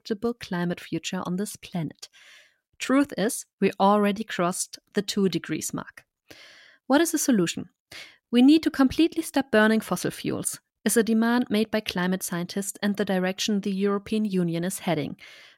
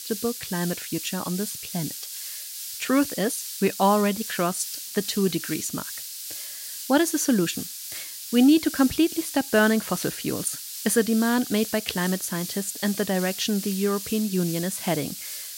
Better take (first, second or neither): first